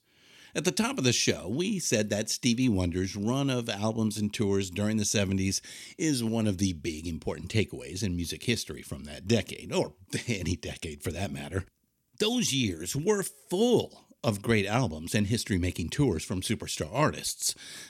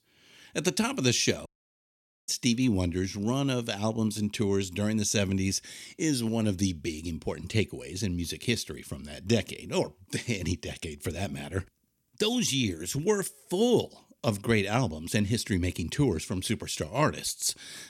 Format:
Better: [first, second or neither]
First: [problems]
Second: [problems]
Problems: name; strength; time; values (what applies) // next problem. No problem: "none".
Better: first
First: none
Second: audio cutting out; at 1.5 s for 1 s